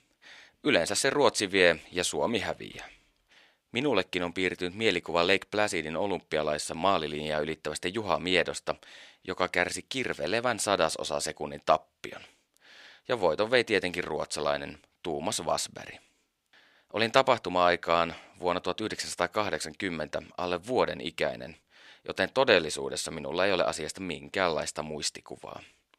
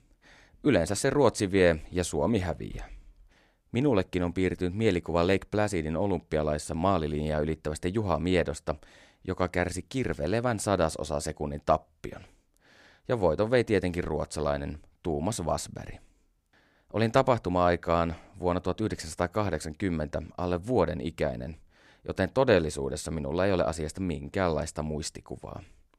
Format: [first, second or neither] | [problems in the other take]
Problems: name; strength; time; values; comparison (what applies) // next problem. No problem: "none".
second | thin; very slightly; fading below 550 Hz